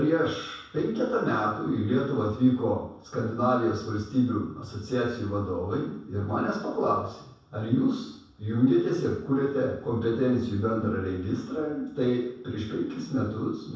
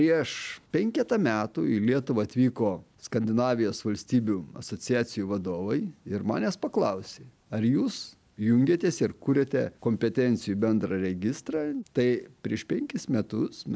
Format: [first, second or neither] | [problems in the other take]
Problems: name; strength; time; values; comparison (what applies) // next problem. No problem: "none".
second | room echo; dies away in 0.7 s